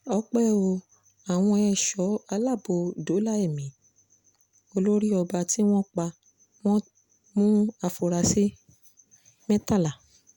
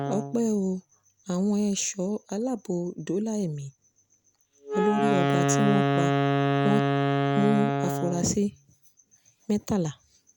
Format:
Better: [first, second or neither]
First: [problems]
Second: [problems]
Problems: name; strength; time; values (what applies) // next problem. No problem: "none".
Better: first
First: none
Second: background sound (Wind instrument, woodwind instrument); as loud as the speech